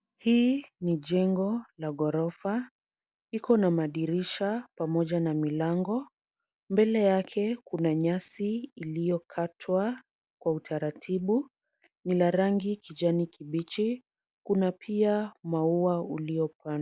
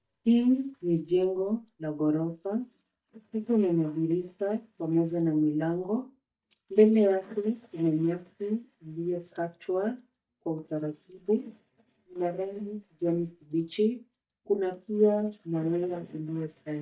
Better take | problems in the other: first | noise reduction (neural mask model DeepFilterNet 3)

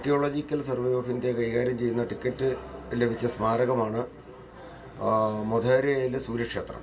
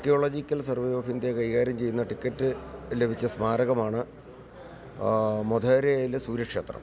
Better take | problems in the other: second | room echo; dies away in 0.2 s

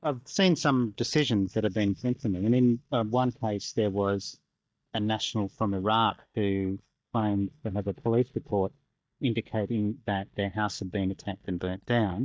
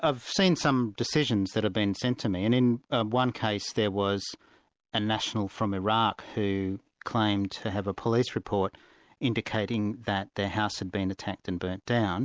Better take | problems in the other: second | noise reduction (neural mask model DeepFilterNet 3)

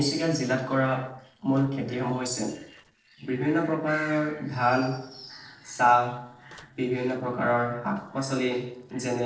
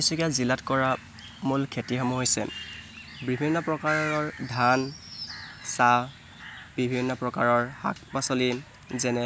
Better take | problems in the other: second | noise reduction (neural separator model SepFormer DNS4)

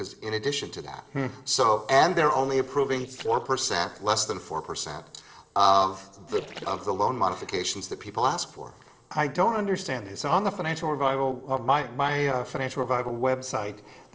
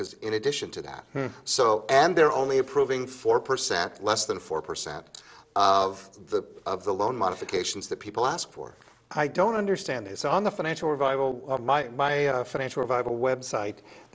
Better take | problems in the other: second | noise reduction (neural separator model SepFormer DNS4)

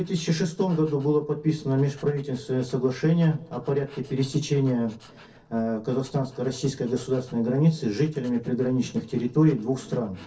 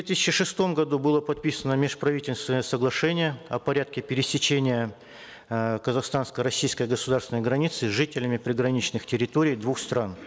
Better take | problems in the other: second | noise reduction (neural separator model SepFormer DNS4)

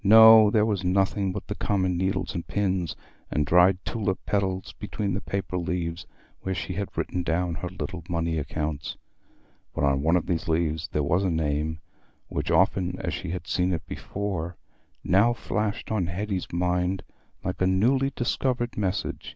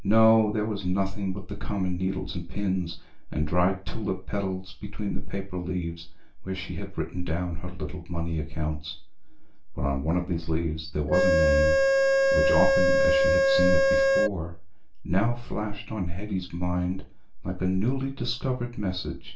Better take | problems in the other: first | background sound (Organ); 5 dB above the speech // room echo; dies away in 0.3 s

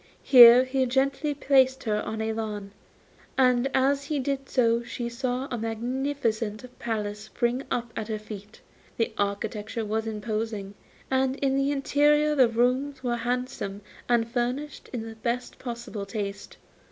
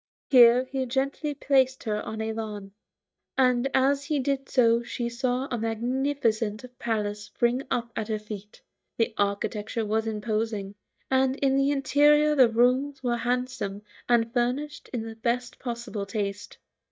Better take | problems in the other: first | noise reduction (neural mask model DeepFilterNet 3)

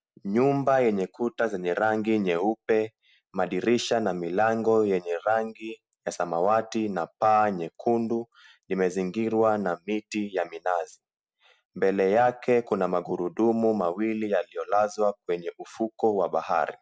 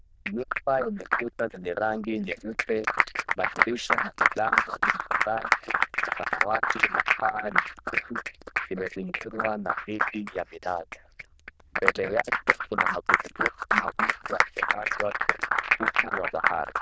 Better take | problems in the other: first | noise reduction (neural diffusion model UNIVERSE++)

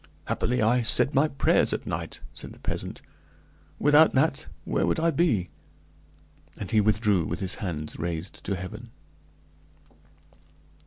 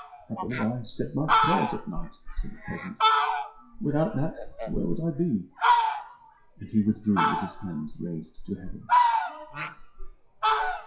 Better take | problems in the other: first | noise reduction (classical method WPE with log-MMSE)

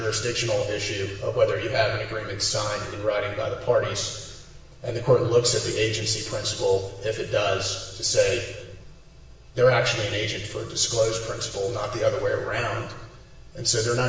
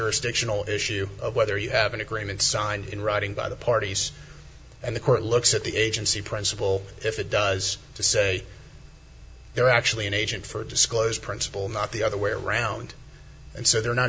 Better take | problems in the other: second | room echo; dies away in 1.1 s

